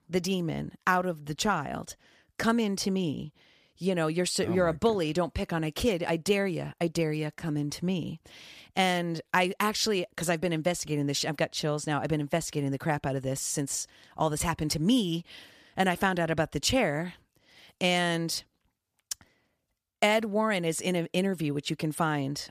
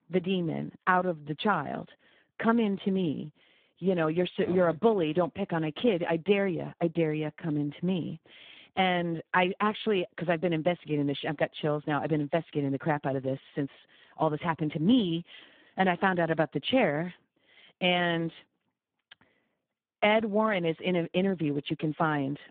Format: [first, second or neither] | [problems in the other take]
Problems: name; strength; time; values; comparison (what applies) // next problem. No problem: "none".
first | phone-call audio; poor line